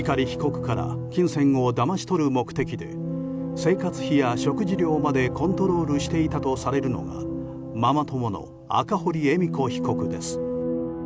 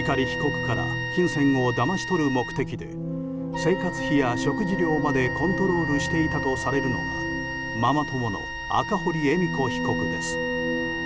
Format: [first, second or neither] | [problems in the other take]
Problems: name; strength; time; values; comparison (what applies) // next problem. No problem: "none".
first | background sound (Wind instrument, woodwind instrument); 7 dB below the speech